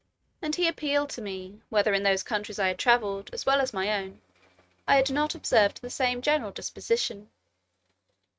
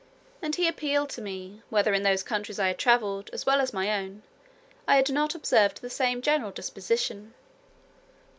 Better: second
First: noise reduction (neural mask model RNNoise)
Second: none

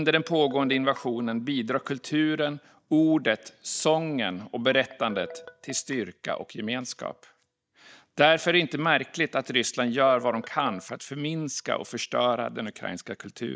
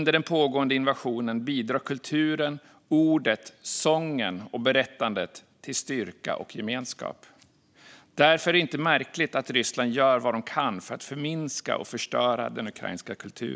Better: second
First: noise reduction (neural mask model DeepFilterNet 3)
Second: none

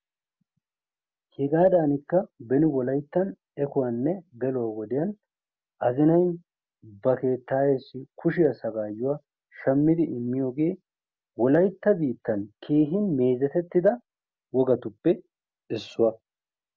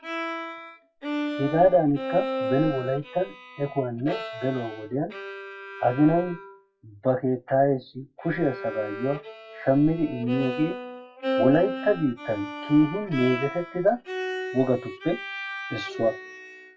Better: first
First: none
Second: noise reduction (classical method WPE with log-MMSE)

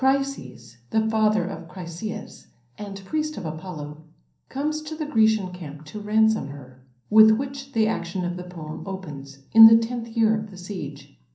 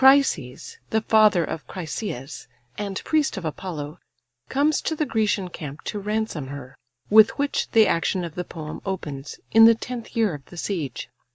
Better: second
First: room echo; dies away in 0.6 s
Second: none

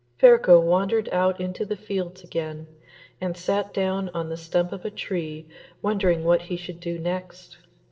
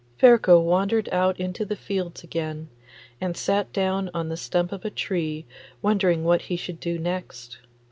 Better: second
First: noise reduction (neural separator model SepFormer DNS4)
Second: none

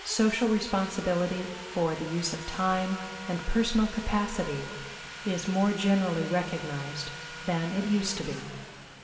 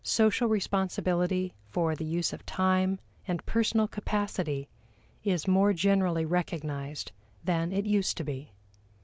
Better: second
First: background sound (Sawing); 12 dB below the speech // room echo; dies away in 2 s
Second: none

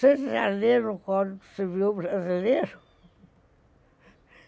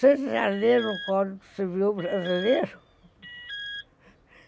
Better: first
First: none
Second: background sound (Alarm); 14 dB below the speech

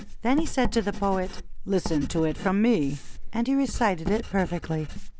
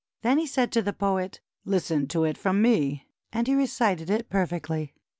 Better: second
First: background sound (Writing); 5 dB below the speech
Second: none

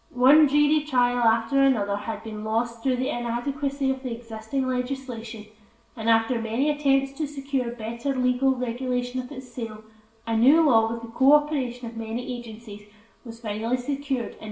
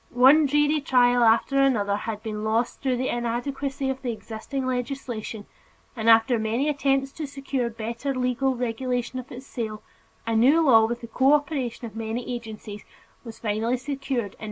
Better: second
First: room echo; dies away in 0.7 s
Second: none

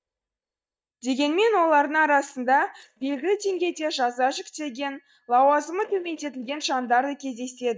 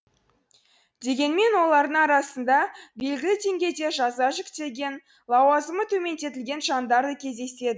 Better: second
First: noise reduction (neural mask model DeepFilterNet 3)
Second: none

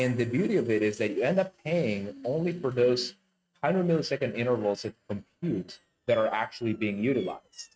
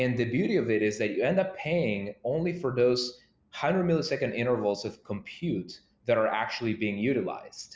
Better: second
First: noise reduction (neural mask model RNNoise)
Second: none

